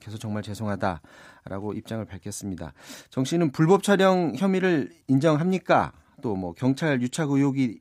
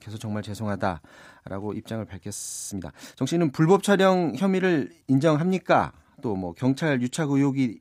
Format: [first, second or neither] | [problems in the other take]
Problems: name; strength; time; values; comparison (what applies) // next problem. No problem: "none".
first | audio freezing; at 2.5 s